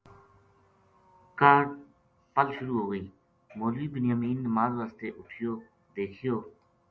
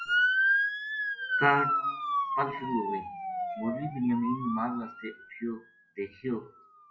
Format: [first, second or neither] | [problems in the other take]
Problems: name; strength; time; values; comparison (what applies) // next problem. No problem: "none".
first | noise reduction (classical method WPE with log-MMSE)